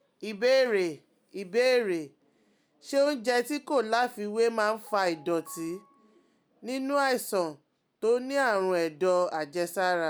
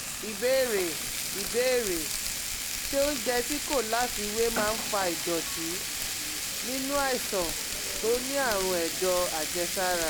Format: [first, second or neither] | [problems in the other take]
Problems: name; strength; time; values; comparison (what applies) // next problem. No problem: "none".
first | background sound (Frying (food)); 2 dB below the speech